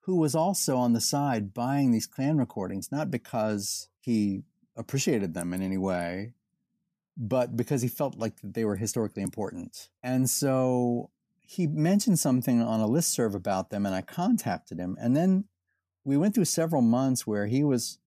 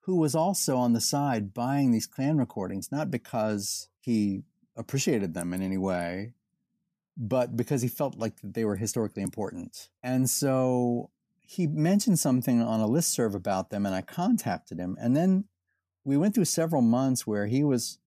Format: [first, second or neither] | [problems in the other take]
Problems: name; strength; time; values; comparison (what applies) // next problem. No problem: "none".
neither | none